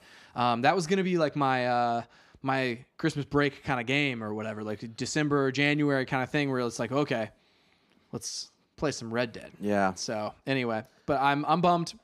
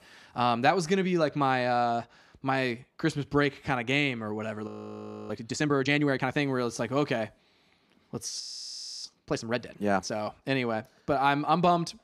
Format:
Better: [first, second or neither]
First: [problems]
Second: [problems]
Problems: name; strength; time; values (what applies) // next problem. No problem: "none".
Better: first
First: none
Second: audio freezing; at 4.5 s for 0.5 s and at 8.5 s for 0.5 s